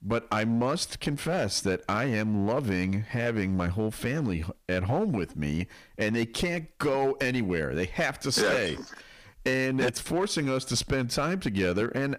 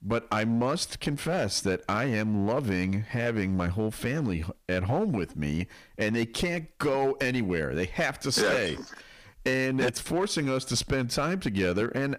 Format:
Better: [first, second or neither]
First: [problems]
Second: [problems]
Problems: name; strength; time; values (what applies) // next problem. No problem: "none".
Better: neither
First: distortion; slight; 7% of the sound clipped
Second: distortion; slight; 7% of the sound clipped